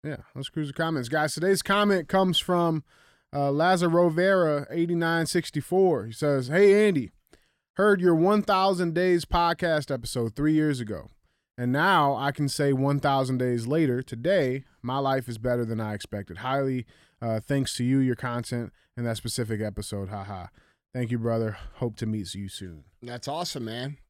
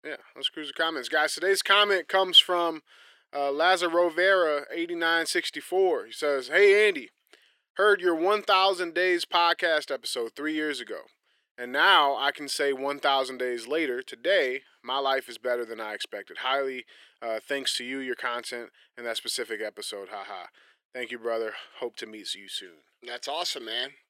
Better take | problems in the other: first | thin; very; fading below 400 Hz

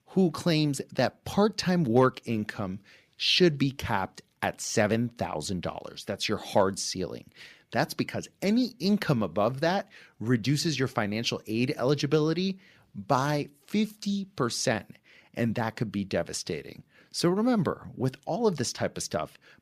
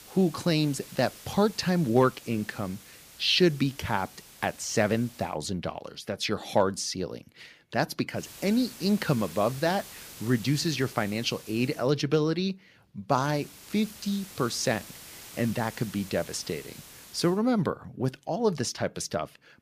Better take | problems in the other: first | hiss; noticeable; until 5.5 s, from 8 to 12 s and from 13 to 17 s; 15 dB below the speech

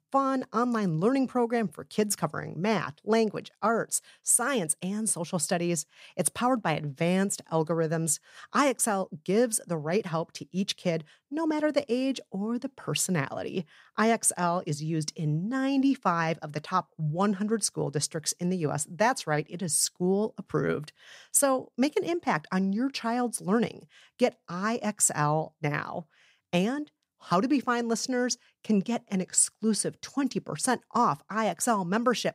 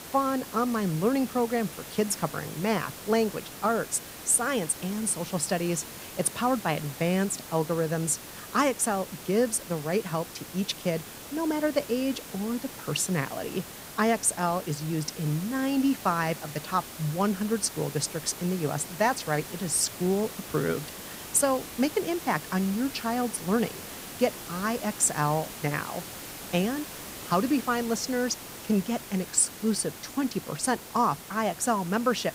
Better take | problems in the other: first | hiss; noticeable; throughout; 10 dB below the speech

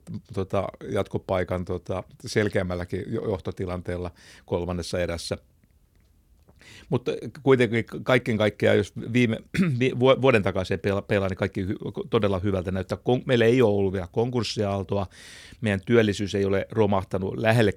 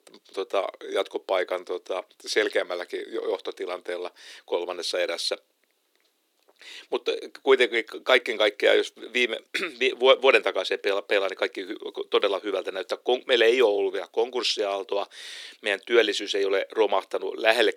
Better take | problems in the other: first | thin; very; fading below 350 Hz

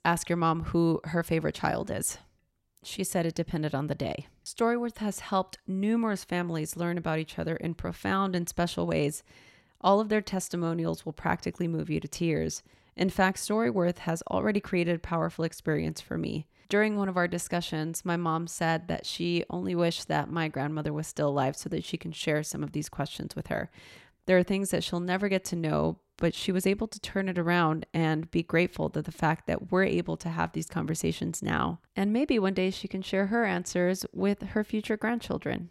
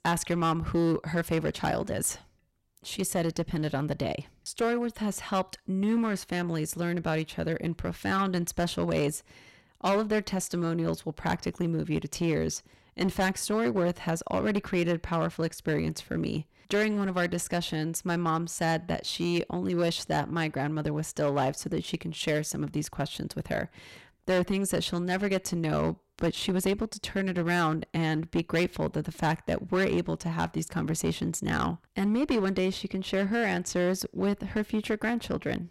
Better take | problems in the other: first | distortion; slight; 7% of the sound clipped

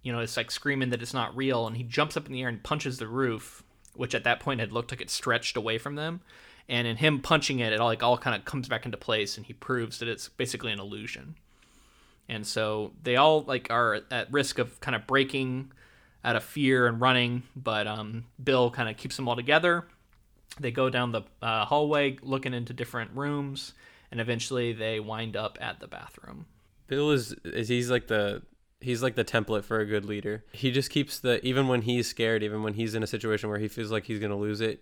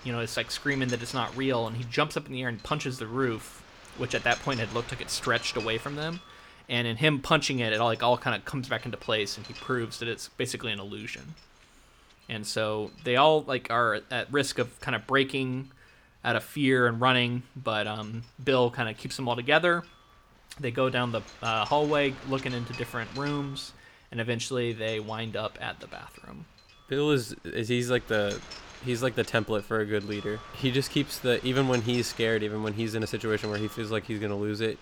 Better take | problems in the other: first | wind noise on the microphone; occasional gusts; 15 dB below the speech

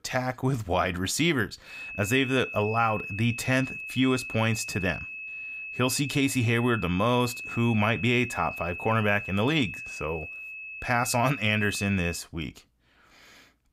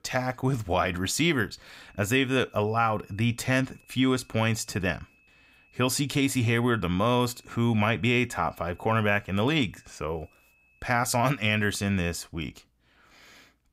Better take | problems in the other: second | high-pitched whine; loud; from 1.5 to 12 s; 2.5 kHz, 9 dB below the speech; faint in the second

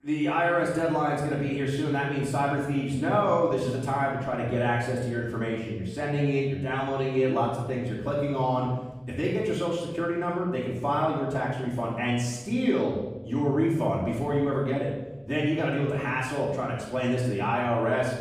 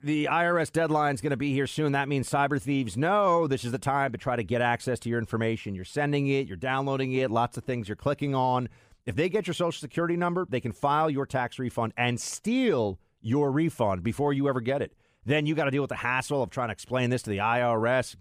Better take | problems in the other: second | off-mic speech; far // room echo; noticeable; dies away in 1.1 s

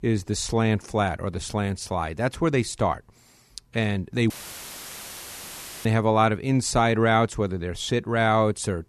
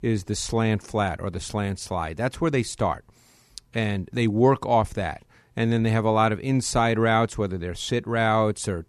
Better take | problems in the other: second | audio cutting out; filled with static; at 4.5 s for 1.5 s

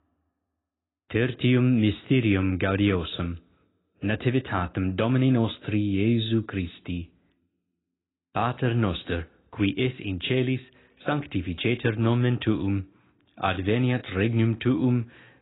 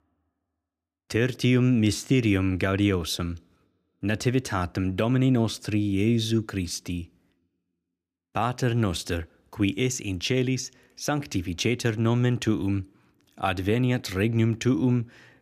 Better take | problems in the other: second | garbled, watery; badly; nothing above 4 kHz

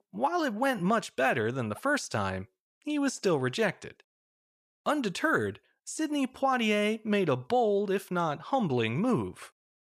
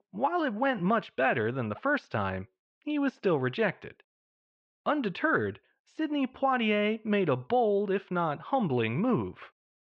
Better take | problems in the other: first | muffled; very; fading above 3 kHz

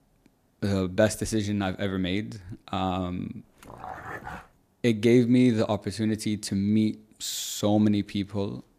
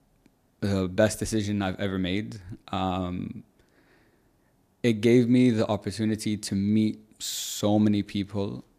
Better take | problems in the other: second | dog barking; faint; at 3.5 s; peak 10 dB below the speech

